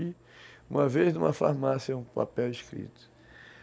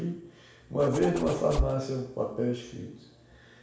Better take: first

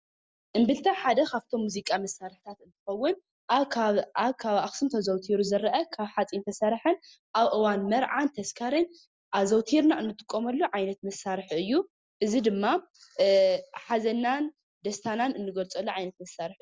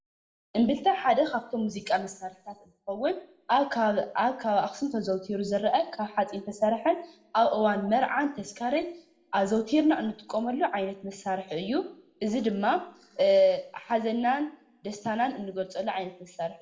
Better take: first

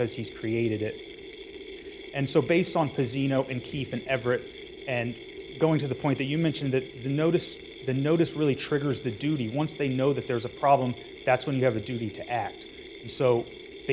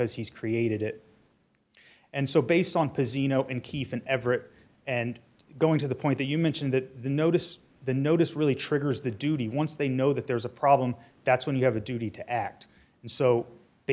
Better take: second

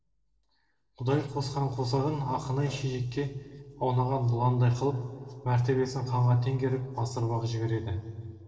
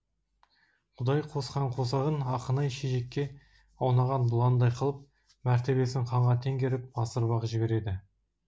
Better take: second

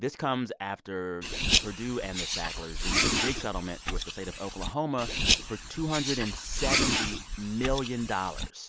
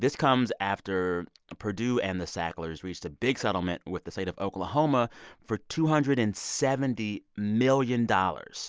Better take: second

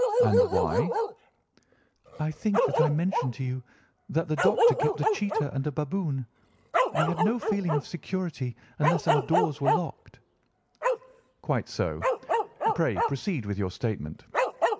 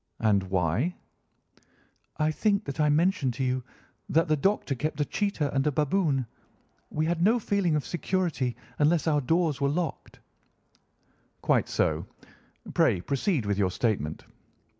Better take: second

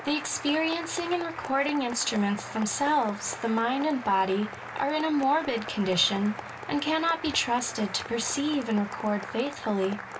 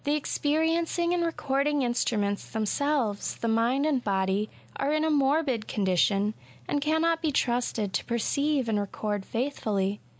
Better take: second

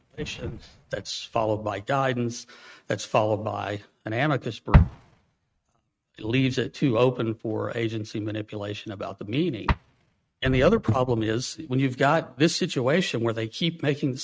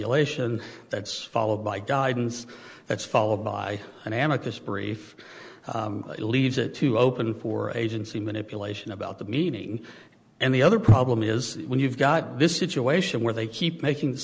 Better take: second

